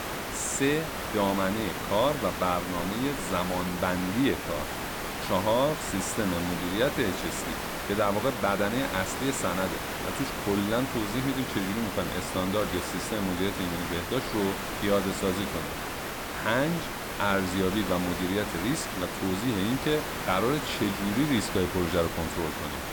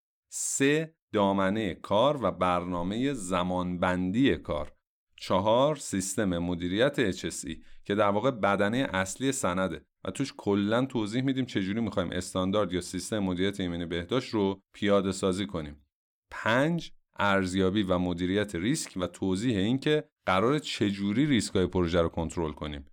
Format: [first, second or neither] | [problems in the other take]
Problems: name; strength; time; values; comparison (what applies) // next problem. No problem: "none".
second | hiss; loud; throughout; 4 dB below the speech